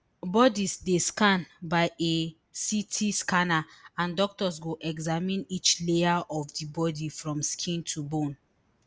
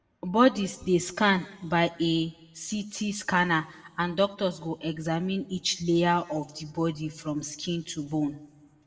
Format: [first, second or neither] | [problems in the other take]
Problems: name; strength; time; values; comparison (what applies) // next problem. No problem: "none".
first | room echo; dies away in 0.9 s